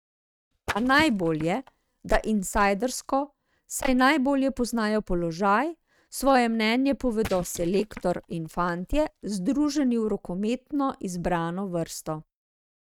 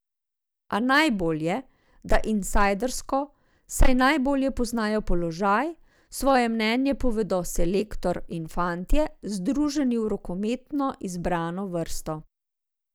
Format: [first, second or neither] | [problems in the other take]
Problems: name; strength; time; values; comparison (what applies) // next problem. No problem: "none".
second | noise reduction (neural mask model RNNoise)